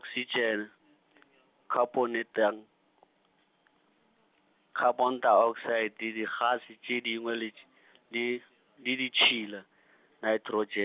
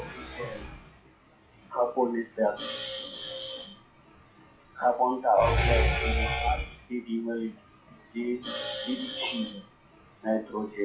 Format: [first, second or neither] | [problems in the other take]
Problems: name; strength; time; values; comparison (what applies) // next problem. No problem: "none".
first | noise reduction (classical method WPE with log-MMSE)